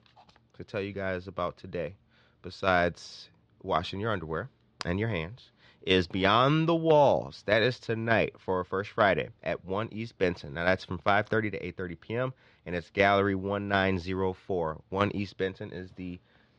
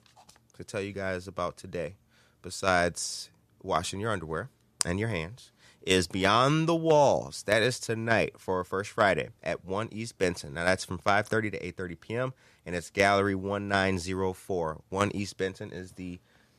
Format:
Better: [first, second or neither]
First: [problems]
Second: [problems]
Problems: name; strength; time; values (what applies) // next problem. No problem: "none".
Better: second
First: muffled; slightly; fading above 4 kHz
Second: none